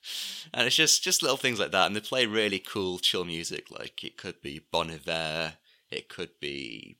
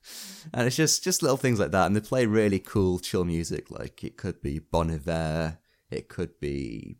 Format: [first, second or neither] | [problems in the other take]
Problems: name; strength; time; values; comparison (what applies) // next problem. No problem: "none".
second | thin; somewhat; fading below 600 Hz